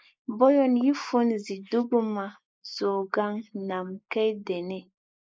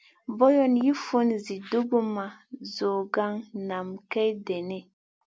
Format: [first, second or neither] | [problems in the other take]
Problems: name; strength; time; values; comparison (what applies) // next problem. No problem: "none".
second | noise reduction (neural mask model Resemble Enhance denoiser)